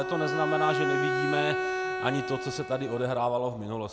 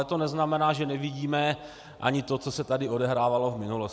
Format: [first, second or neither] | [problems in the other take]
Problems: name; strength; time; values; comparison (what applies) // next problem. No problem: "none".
second | background sound (Bowed string instrument); 1 dB below the speech